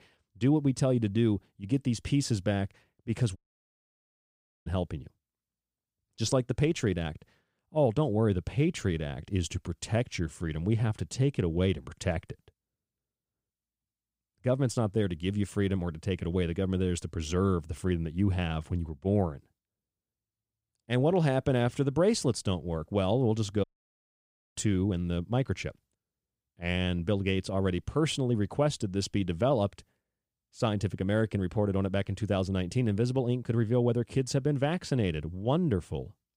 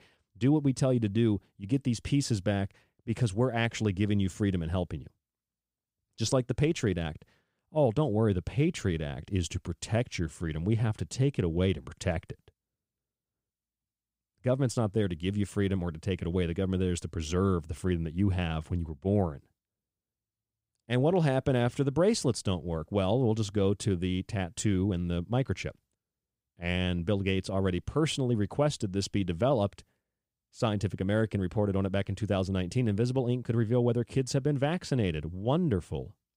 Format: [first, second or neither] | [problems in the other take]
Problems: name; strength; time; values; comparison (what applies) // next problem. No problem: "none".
second | audio cutting out; at 3.5 s for 1.5 s and at 24 s for 1 s